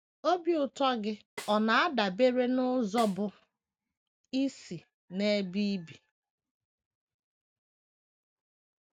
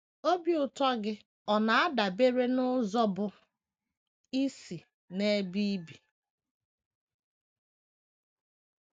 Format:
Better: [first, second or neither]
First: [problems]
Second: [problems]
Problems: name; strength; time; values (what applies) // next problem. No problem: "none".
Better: second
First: background sound (Snare drum); 18 dB below the speech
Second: none